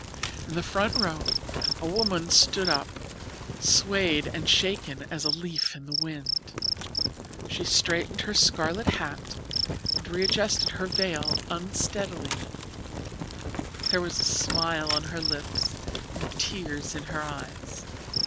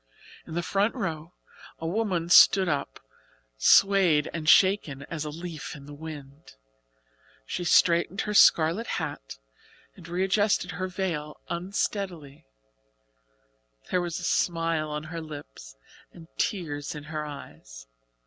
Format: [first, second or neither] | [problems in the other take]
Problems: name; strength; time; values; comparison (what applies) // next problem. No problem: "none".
second | background sound (Fire + Cricket); 2 dB below the speech